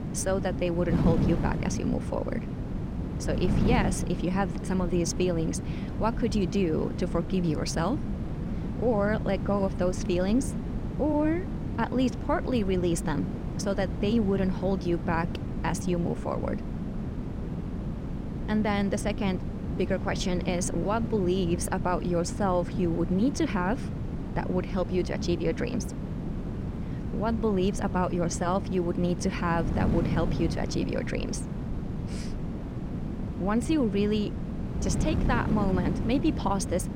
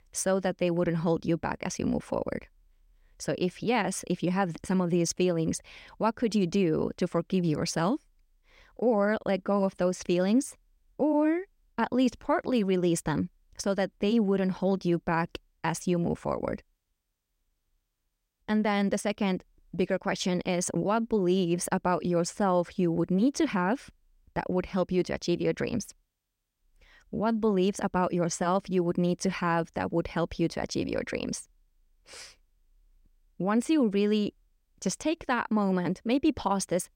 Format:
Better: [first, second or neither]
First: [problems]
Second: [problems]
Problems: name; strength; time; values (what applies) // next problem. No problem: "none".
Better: second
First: wind noise on the microphone; heavy; 9 dB below the speech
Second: none